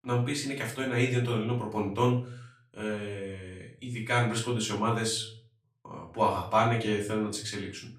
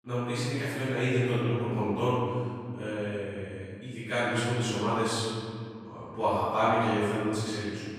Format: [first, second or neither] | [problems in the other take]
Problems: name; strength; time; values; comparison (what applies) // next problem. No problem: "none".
first | room echo; strong; dies away in 2.4 s; slight in the first // off-mic speech; far; far in the first